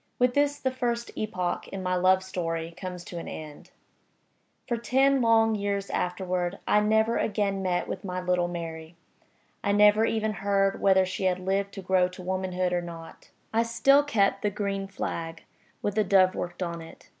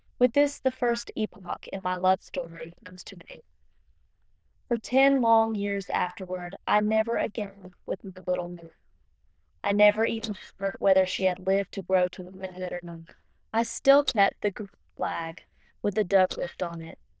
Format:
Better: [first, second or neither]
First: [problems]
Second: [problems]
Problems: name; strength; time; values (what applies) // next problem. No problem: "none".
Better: first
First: none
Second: noise reduction (neural diffusion model UNIVERSE++)